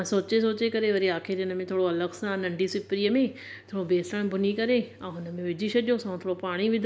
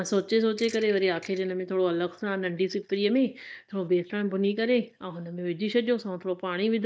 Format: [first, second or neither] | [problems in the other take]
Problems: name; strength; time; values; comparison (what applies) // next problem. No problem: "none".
first | noise reduction (neural mask model DeepFilterNet 3)